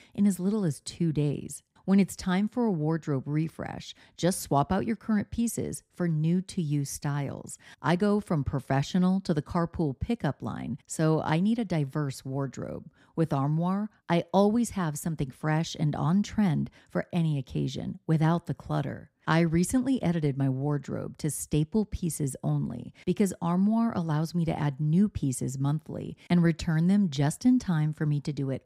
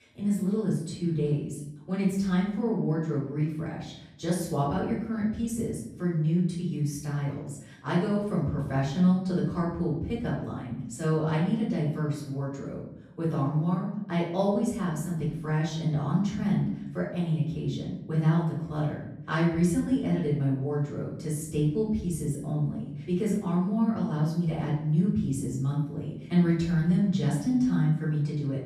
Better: first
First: none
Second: room echo; noticeable; dies away in 0.8 s // off-mic speech; far

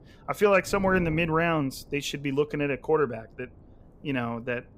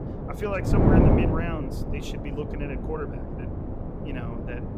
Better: first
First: wind noise on the microphone; occasional gusts; 25 dB below the speech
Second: wind noise on the microphone; heavy; 3 dB above the speech

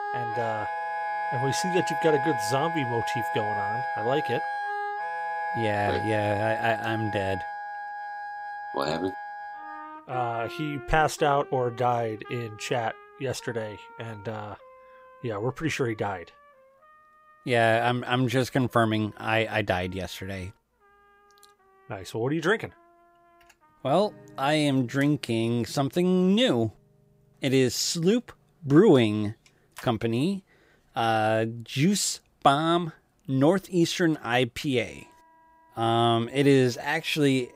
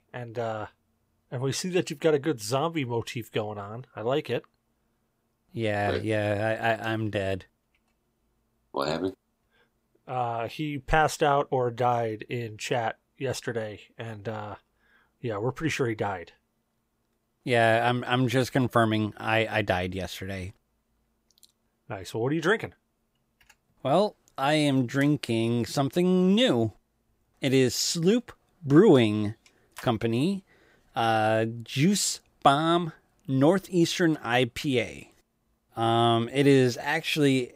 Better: second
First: background music; loud; throughout; 6 dB below the speech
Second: none

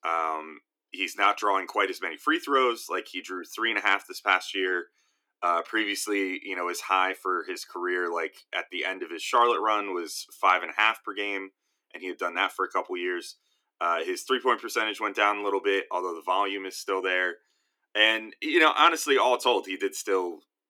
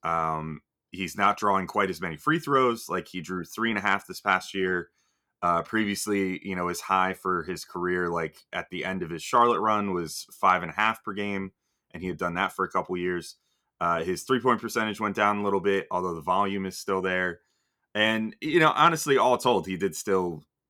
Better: second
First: thin; somewhat; fading below 300 Hz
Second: none

